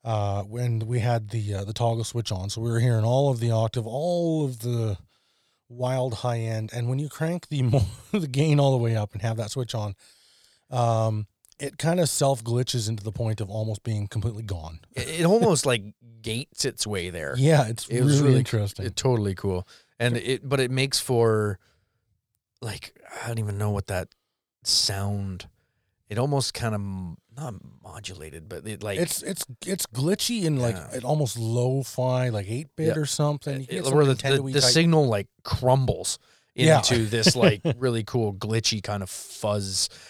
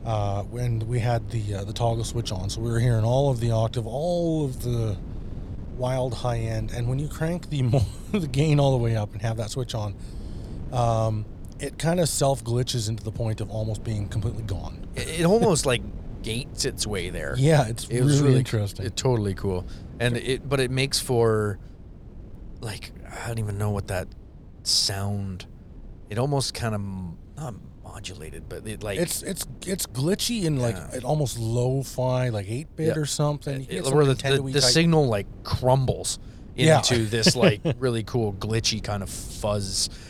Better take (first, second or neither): first